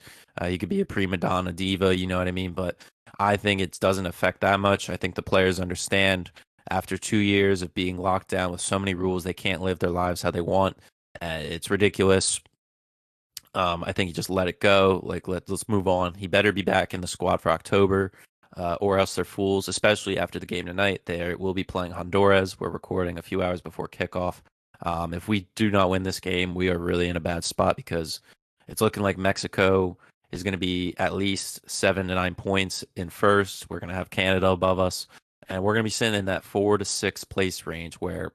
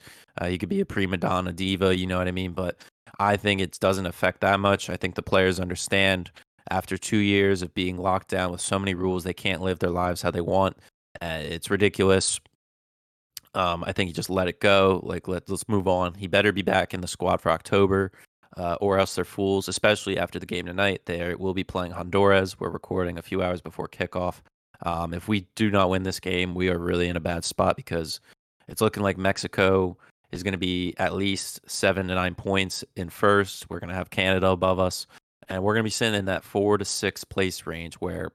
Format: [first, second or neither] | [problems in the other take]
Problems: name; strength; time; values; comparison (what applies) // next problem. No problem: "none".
second | garbled, watery; slightly; nothing above 13 kHz